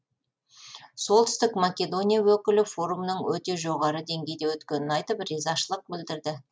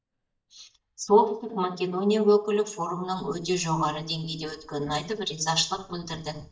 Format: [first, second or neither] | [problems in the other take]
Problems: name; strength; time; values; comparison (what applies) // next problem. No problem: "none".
first | noise reduction (neural mask model DeepFilterNet 3)